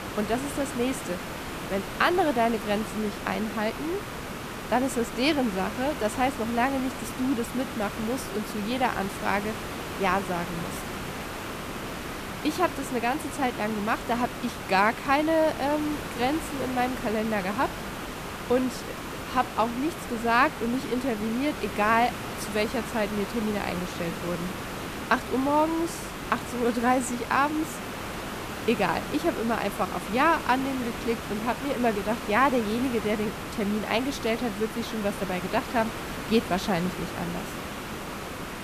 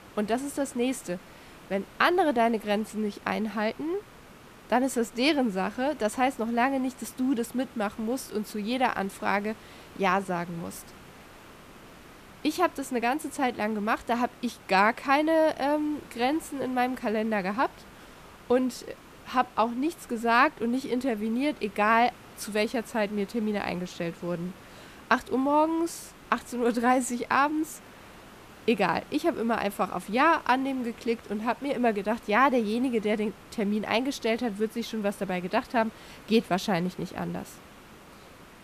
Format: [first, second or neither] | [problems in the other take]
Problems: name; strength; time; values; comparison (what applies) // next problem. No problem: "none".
second | hiss; loud; throughout; 7 dB below the speech; faint in the second